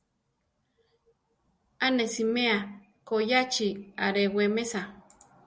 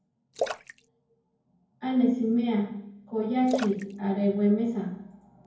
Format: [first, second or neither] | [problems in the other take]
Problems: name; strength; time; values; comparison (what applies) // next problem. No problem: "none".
first | background sound (Splash, splatter); 11 dB below the speech // room echo; dies away in 0.9 s